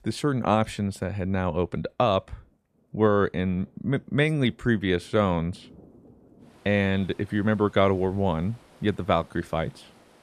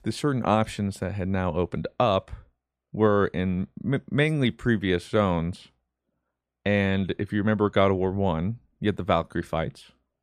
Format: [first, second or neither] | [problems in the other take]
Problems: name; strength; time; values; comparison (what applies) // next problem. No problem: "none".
second | rain or running water; faint; throughout; 30 dB below the speech